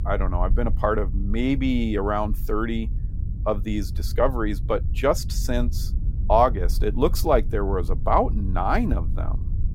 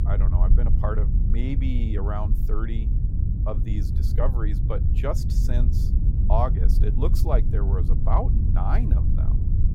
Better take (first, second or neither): first